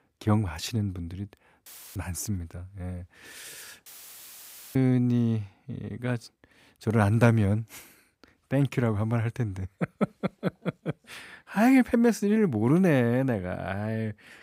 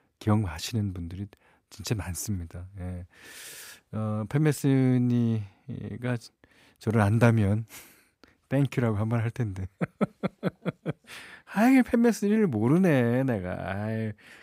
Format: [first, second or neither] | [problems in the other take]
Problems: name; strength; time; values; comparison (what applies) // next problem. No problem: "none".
second | audio cutting out; filled with static; at 1.5 s and at 4 s for 1 s